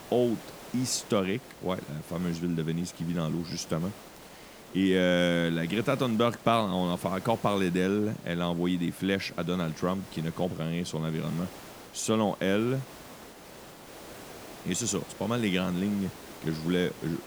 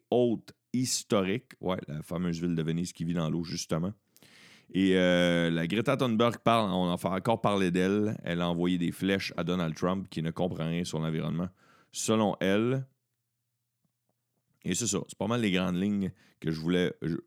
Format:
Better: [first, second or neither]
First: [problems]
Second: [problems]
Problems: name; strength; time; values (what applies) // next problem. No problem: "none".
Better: second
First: hiss; noticeable; throughout; 15 dB below the speech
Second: none